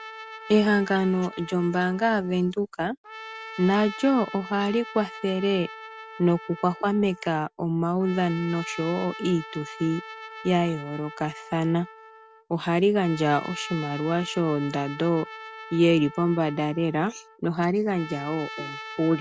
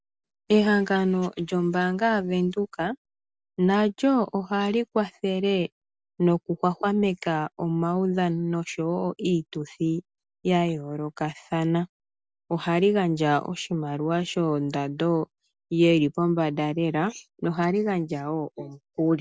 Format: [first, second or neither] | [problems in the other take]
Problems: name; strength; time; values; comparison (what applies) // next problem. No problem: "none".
second | background sound (Trumpet); 15 dB below the speech